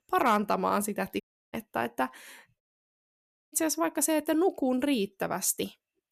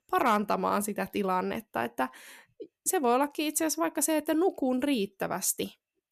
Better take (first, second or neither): second